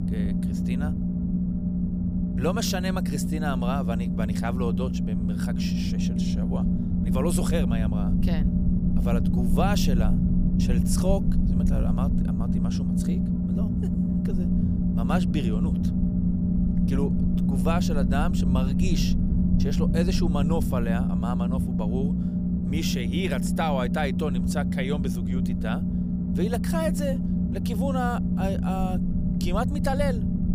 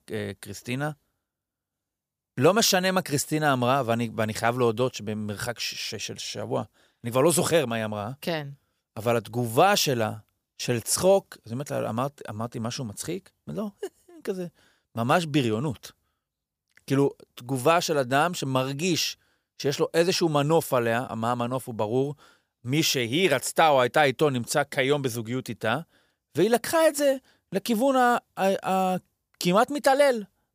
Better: second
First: low rumble; loud; throughout; 1 dB below the speech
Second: none

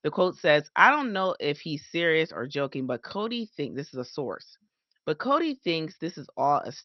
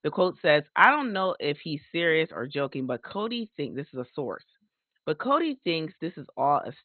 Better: first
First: garbled, watery; slightly; nothing above 6 kHz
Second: garbled, watery; badly; nothing above 4 kHz

